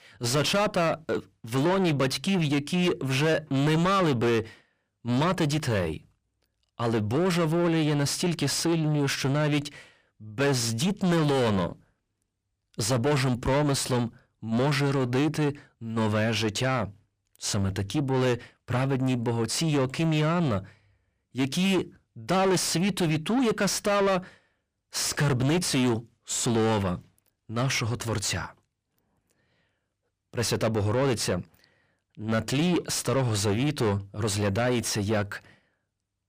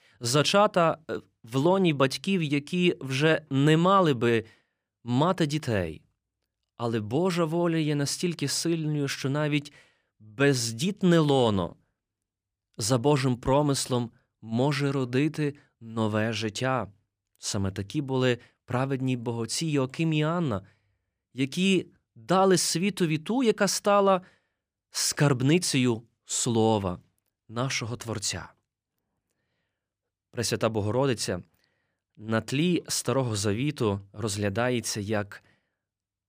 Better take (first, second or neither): second